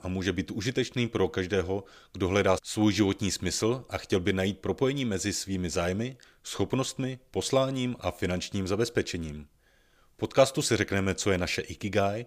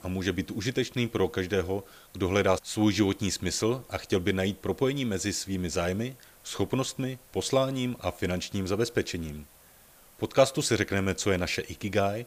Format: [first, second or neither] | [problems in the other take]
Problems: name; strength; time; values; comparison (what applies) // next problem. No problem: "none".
first | hiss; faint; throughout; 25 dB below the speech